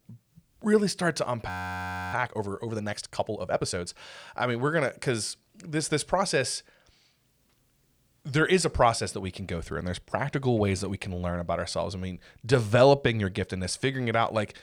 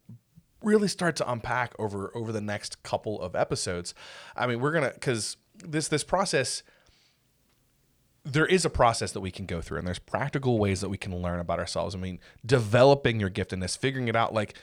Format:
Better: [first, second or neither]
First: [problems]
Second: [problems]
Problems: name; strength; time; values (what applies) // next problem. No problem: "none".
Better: second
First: audio freezing; at 1.5 s for 0.5 s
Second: none